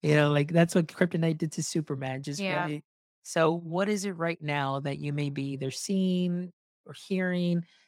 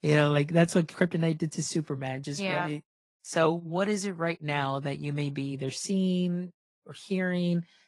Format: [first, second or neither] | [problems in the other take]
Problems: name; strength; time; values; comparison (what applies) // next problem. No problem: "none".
first | garbled, watery; slightly